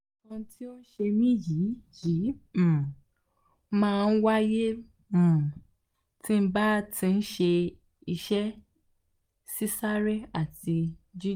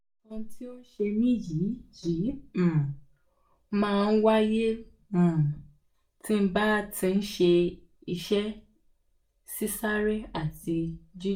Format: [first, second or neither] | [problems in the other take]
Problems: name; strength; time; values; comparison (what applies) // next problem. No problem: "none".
first | room echo; dies away in 0.2 s